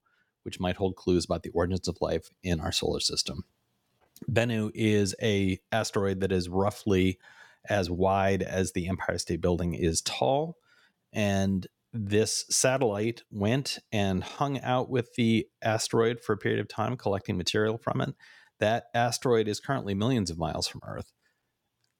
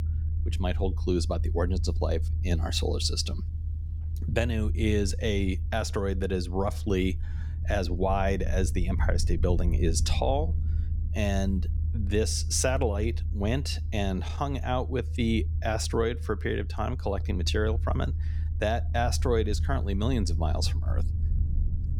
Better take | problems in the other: first | low rumble; noticeable; throughout; 15 dB below the speech

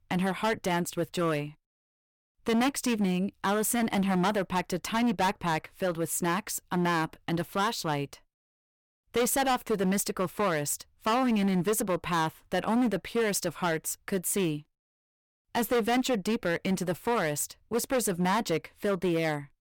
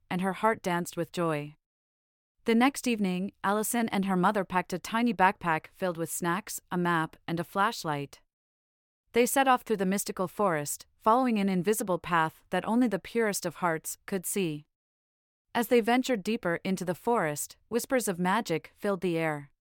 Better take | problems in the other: second | distortion; heavy; 11% of the sound clipped

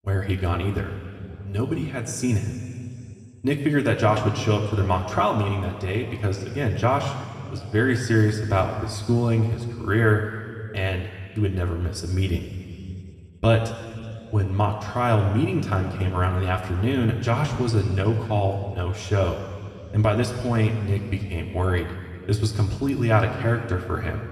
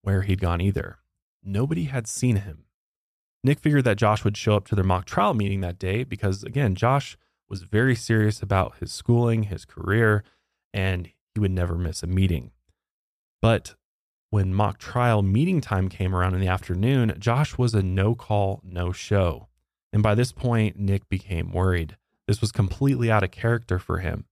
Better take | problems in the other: second | room echo; slight; dies away in 2.2 s // off-mic speech; somewhat distant

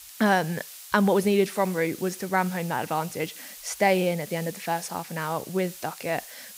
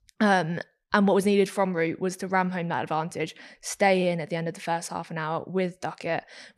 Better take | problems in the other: second | hiss; noticeable; throughout; 15 dB below the speech

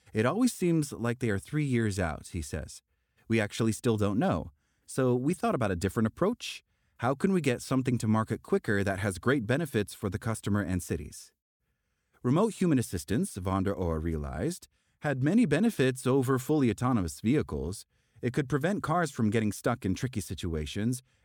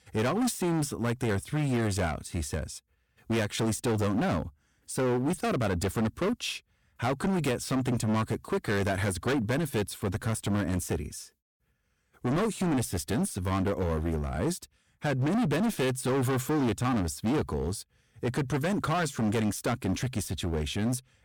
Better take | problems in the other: first | distortion; heavy; 20% of the sound clipped

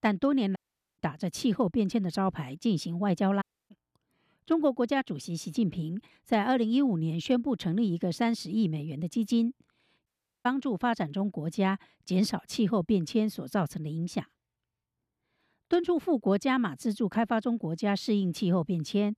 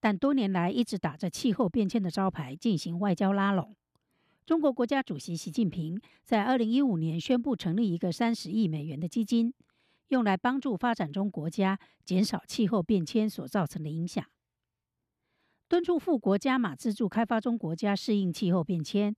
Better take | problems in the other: second | audio cutting out; at 0.5 s, at 3.5 s and at 10 s

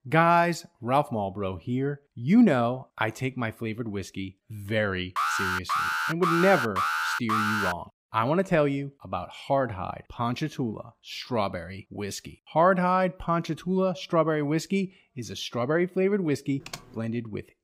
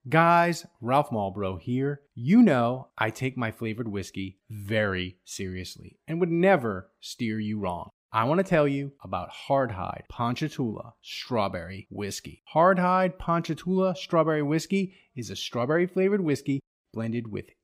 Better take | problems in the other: second | alarm; loud; from 5 to 7.5 s; peak 1 dB above the speech // keyboard typing; faint; at 17 s; peak 15 dB below the speech

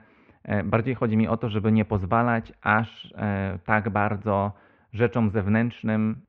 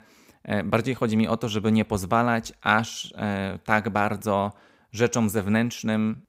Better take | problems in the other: second | muffled; very; fading above 2.5 kHz

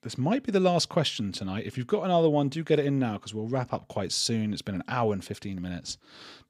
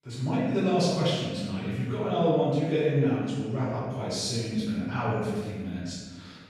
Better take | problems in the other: first | off-mic speech; far // room echo; strong; dies away in 1.4 s

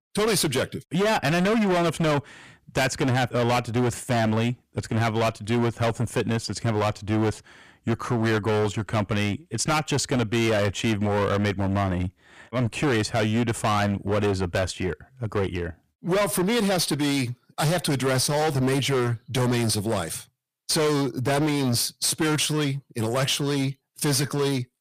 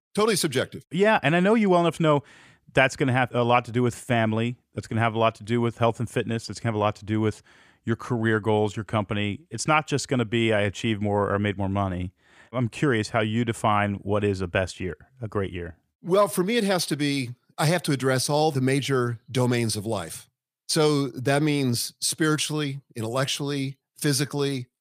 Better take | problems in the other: second | distortion; heavy; 21% of the sound clipped

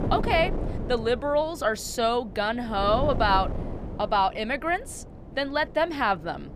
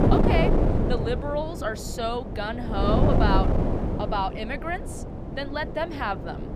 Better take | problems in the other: first | wind noise on the microphone; heavy; 3 dB below the speech; occasional gusts in the first

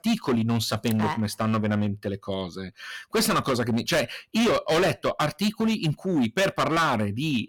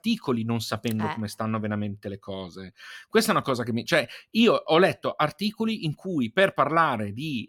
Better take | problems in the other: second | distortion; heavy; 14% of the sound clipped

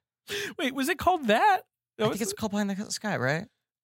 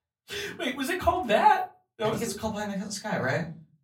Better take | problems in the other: first | off-mic speech; far // room echo; very slight; dies away in 0.3 s

